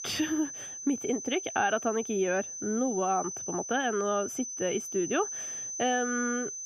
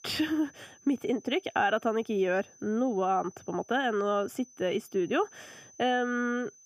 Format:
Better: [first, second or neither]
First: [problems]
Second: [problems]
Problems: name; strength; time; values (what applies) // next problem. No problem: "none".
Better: second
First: high-pitched whine; loud; throughout; 6 kHz, 6 dB below the speech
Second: high-pitched whine; faint; throughout; 6 kHz, 25 dB below the speech